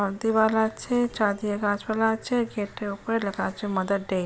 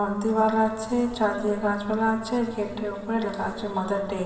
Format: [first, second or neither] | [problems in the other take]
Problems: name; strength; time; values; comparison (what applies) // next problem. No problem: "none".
first | room echo; dies away in 1.9 s